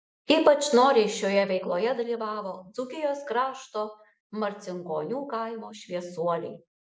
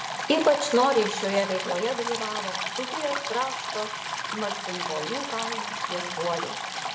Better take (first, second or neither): first